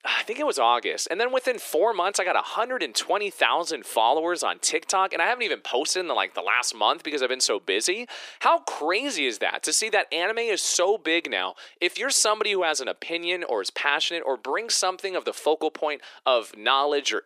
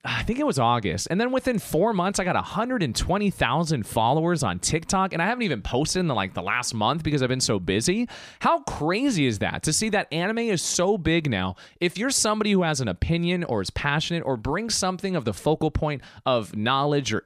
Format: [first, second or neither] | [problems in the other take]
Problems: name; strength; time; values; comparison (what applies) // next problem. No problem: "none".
second | thin; very; fading below 350 Hz